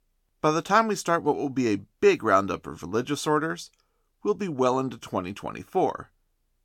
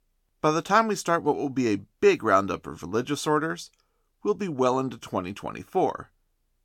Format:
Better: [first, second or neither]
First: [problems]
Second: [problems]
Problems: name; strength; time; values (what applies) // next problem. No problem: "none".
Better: neither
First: none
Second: none